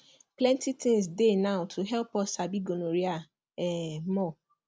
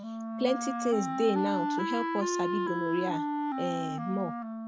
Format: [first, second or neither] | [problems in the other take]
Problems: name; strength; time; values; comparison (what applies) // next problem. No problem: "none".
first | background sound (Wind instrument, woodwind instrument); as loud as the speech